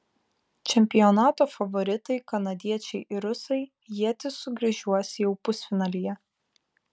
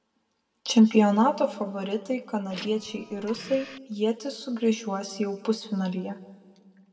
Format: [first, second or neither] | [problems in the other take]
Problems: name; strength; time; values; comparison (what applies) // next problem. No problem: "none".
first | background sound (Printer); 16 dB below the speech // room echo; dies away in 1.1 s